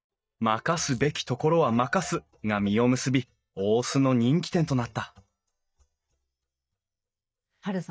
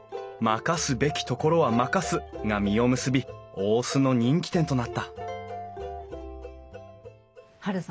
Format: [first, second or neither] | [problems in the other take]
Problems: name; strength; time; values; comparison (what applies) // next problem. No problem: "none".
second | noise reduction (neural mask model DeepFilterNet 3)